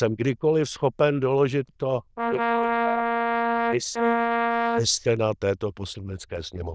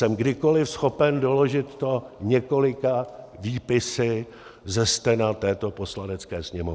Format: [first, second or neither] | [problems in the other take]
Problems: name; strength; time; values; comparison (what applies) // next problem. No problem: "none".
second | noise reduction (neural diffusion model UNIVERSE++)